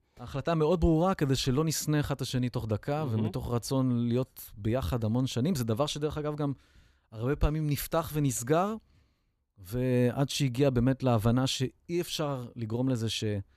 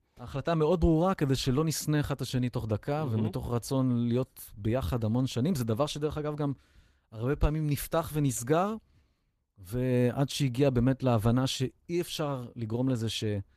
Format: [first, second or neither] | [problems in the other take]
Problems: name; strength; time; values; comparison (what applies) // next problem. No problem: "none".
first | garbled, watery; slightly; nothing above 14.5 kHz